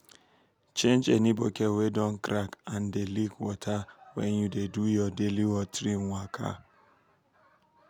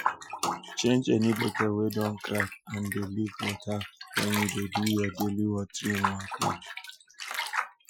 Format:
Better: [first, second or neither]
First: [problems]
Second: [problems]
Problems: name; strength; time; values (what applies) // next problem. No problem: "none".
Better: first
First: none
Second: noise reduction (classical method Wiener filter)